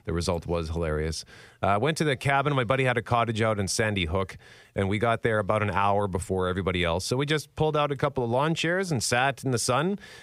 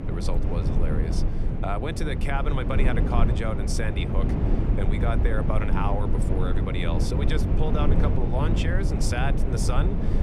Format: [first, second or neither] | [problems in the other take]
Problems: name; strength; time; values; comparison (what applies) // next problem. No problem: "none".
first | low rumble; loud; throughout; 3 dB below the speech